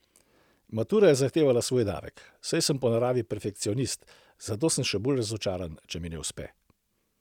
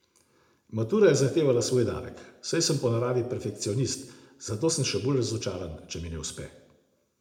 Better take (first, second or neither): first